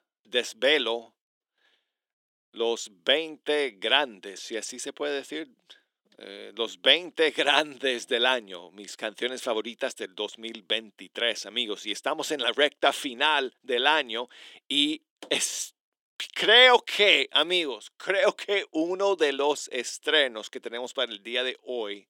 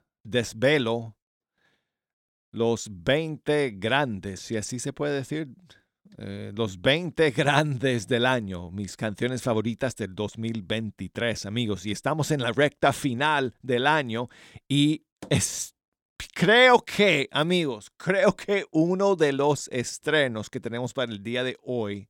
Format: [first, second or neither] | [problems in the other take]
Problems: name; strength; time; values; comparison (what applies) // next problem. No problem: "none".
second | thin; somewhat; fading below 300 Hz